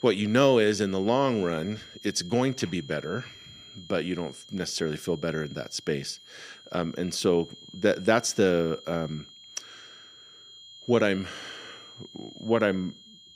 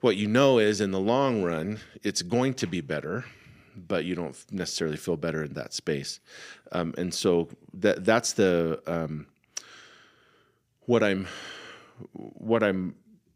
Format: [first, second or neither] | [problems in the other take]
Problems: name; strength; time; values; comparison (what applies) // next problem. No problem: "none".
second | high-pitched whine; noticeable; throughout; 3 kHz, 20 dB below the speech